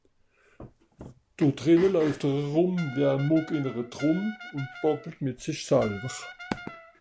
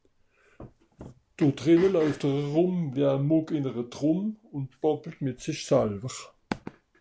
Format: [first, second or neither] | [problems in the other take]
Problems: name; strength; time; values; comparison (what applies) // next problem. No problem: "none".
second | background sound (Brass instrument); 16 dB below the speech